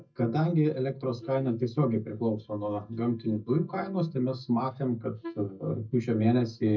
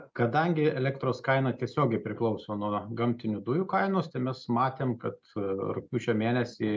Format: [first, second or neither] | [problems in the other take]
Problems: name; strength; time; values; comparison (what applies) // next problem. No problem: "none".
second | noise reduction (neural mask model DeepFilterNet 3)